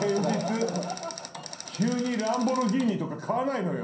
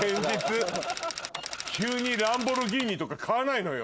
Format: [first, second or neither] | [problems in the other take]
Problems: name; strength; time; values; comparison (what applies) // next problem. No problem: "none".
second | room echo; dies away in 0.6 s